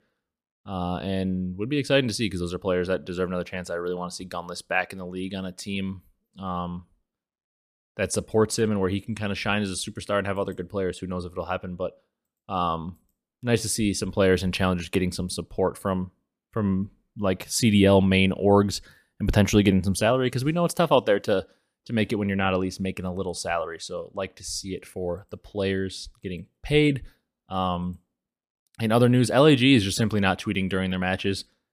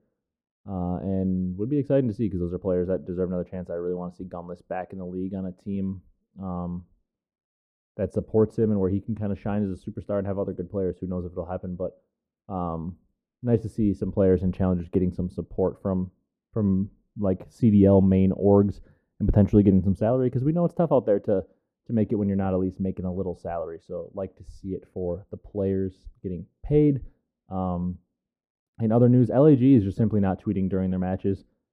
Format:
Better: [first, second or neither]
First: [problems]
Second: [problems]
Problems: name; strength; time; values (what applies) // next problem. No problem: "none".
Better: first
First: none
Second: muffled; very; fading above 1.5 kHz